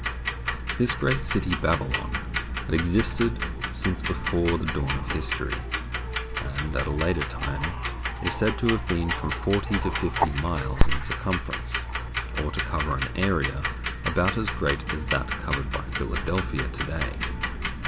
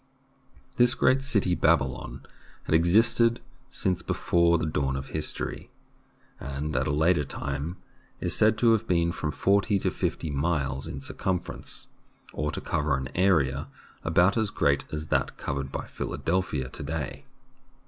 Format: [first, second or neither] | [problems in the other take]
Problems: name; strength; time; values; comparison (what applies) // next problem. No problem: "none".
second | background sound (Tick-tock); as loud as the speech